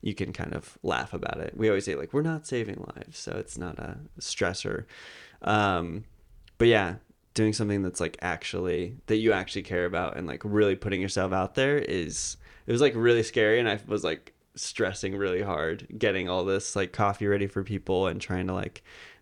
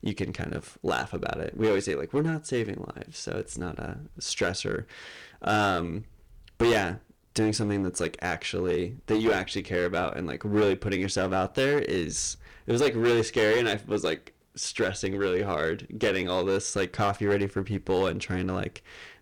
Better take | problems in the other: first | distortion; slight; 6% of the sound clipped

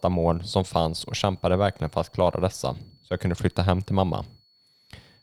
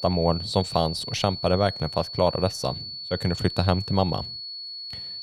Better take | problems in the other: first | high-pitched whine; loud; throughout; 4.5 kHz, 8 dB below the speech; faint in the first

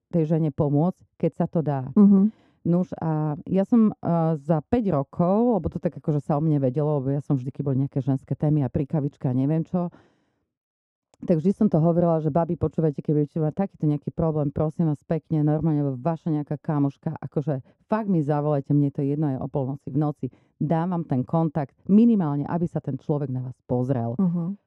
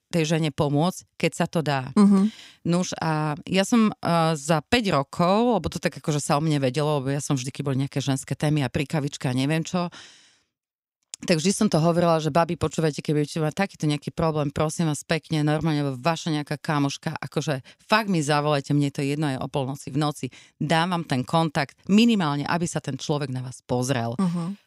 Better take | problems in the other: second | muffled; very; fading above 1.5 kHz

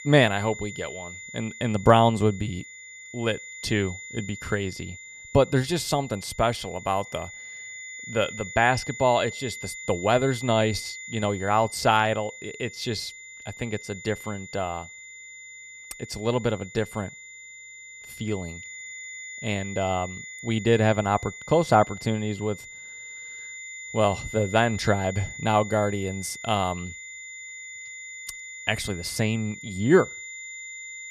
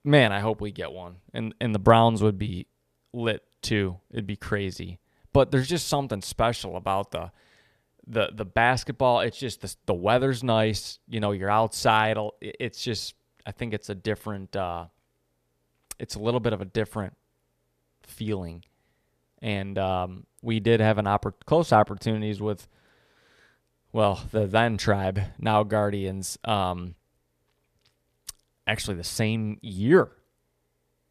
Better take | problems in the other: second | high-pitched whine; noticeable; throughout; 2 kHz, 15 dB below the speech

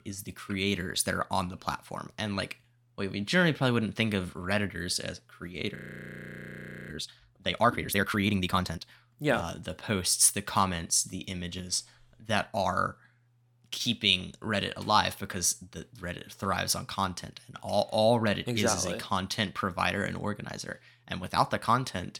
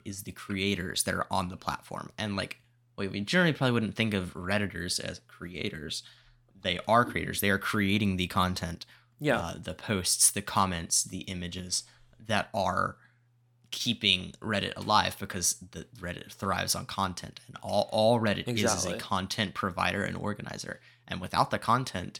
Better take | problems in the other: second | audio freezing; at 6 s for 1 s

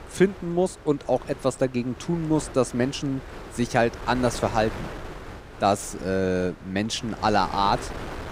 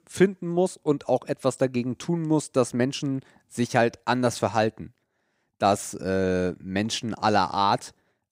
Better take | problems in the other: second | wind noise on the microphone; occasional gusts; 15 dB below the speech

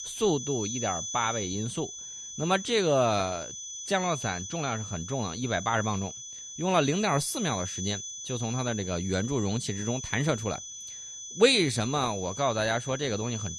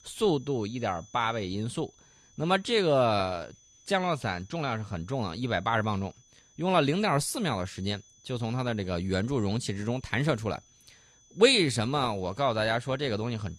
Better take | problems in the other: second | high-pitched whine; loud; throughout; 6 kHz, 8 dB below the speech; faint in the second

